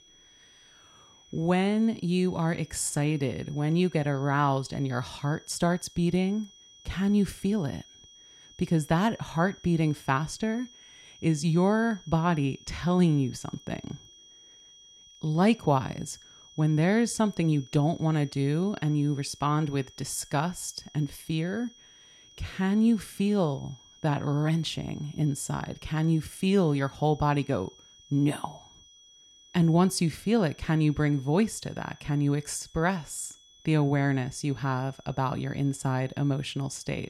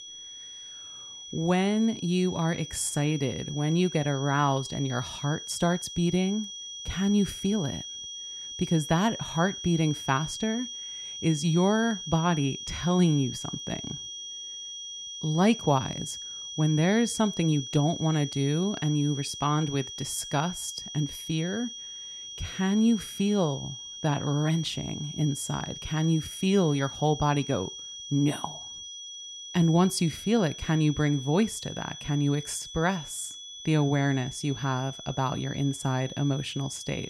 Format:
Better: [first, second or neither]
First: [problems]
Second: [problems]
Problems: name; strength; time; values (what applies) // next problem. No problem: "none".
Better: first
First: high-pitched whine; faint; throughout; 3.5 kHz, 25 dB below the speech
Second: high-pitched whine; loud; throughout; 3.5 kHz, 10 dB below the speech